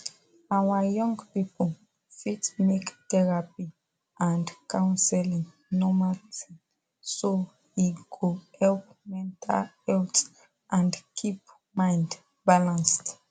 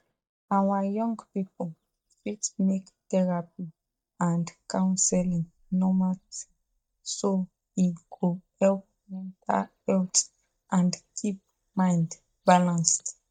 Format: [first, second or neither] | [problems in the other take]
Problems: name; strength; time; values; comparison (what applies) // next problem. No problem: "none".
first | noise reduction (neural mask model DeepFilterNet 3)